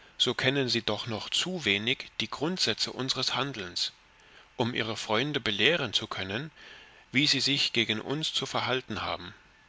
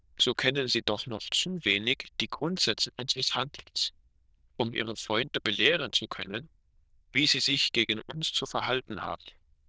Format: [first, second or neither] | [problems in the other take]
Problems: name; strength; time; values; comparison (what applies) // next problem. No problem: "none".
first | noise reduction (neural diffusion model UNIVERSE++)